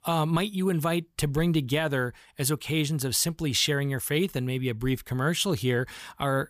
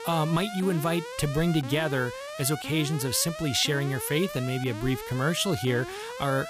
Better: first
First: none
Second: alarm; noticeable; peak 10 dB below the speech

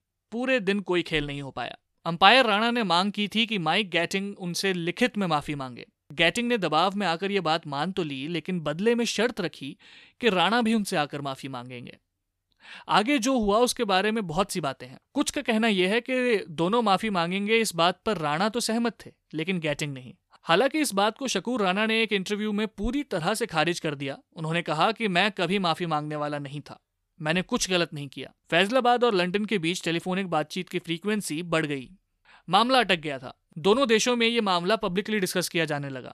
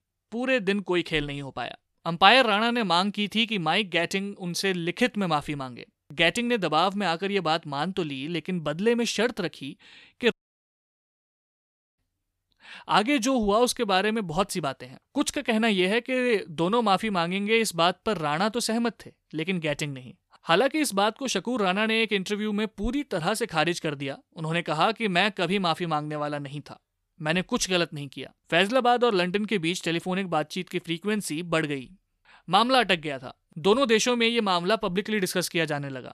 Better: first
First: none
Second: audio cutting out; at 10 s for 1.5 s

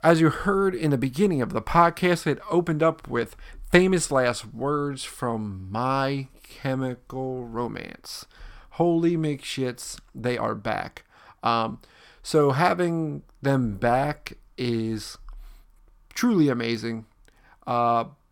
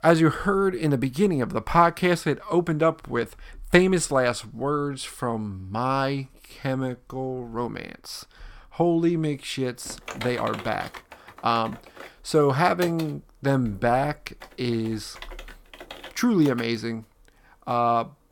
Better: first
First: none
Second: keyboard typing; faint; from 10 to 17 s; peak 10 dB below the speech

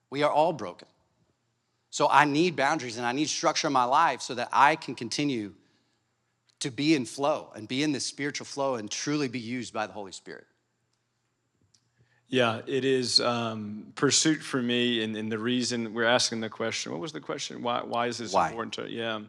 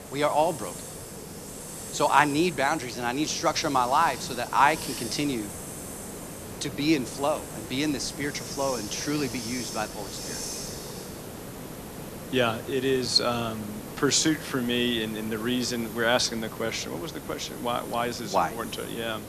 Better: first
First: none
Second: hiss; noticeable; throughout; 10 dB below the speech

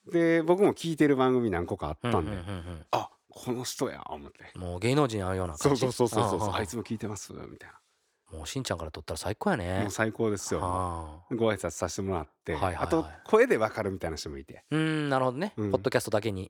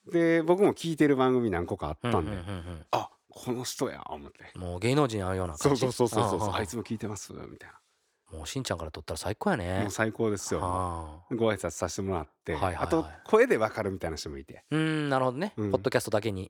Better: neither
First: none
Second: none

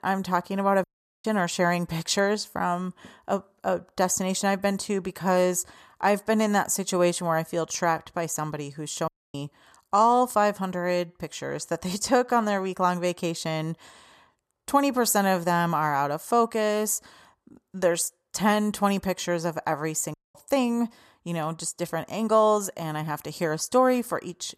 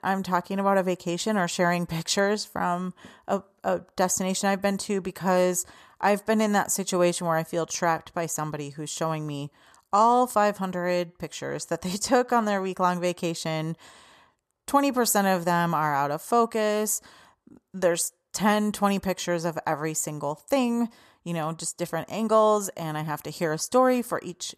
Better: second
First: audio cutting out; at 1 s, at 9 s and at 20 s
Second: none

